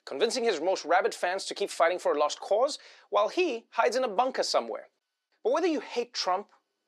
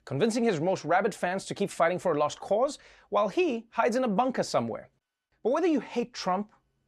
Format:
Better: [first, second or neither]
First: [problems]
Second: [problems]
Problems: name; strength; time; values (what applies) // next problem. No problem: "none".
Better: second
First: thin; somewhat; fading below 350 Hz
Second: none